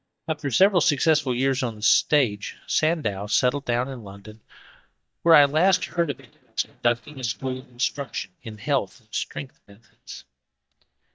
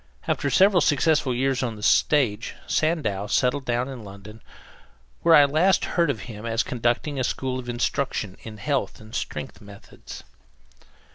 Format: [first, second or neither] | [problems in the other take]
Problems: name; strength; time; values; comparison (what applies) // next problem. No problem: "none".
second | noise reduction (neural mask model DeepFilterNet 3)